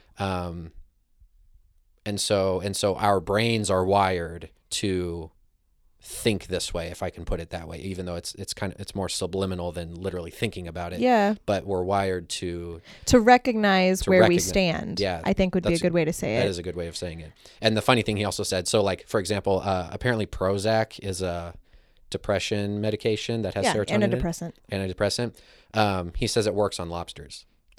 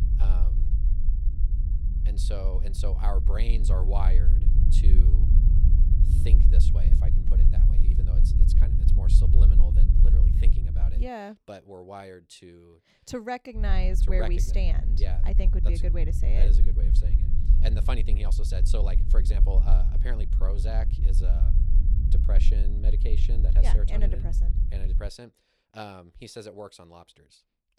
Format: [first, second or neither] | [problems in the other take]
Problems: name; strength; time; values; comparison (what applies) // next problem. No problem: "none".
first | low rumble; loud; until 11 s and from 14 to 25 s; 5 dB below the speech